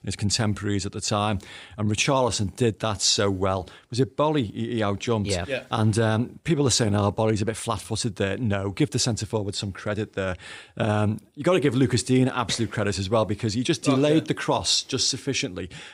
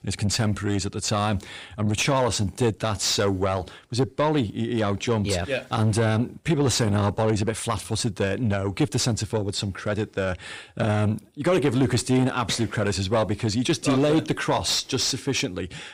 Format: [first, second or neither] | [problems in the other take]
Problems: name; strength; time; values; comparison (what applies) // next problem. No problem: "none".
first | distortion; slight; 10 dB below the speech